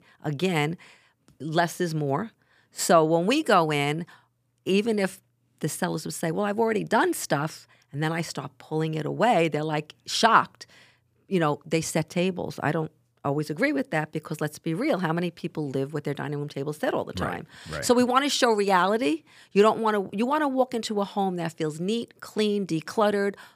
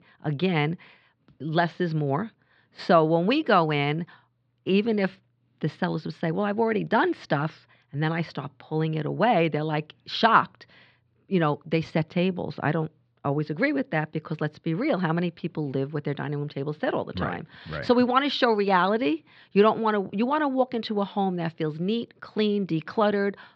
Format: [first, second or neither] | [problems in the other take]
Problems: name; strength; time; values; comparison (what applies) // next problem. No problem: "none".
first | muffled; very slightly; fading above 4 kHz